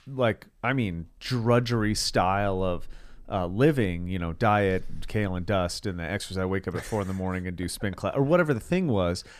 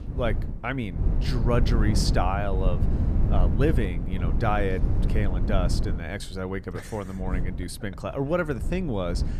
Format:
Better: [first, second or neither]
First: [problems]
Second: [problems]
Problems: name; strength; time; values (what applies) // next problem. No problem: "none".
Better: first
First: none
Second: wind noise on the microphone; heavy; 8 dB below the speech